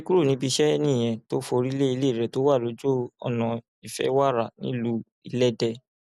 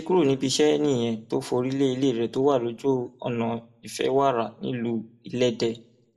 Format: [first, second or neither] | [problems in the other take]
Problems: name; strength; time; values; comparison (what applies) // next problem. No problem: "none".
first | room echo; dies away in 0.3 s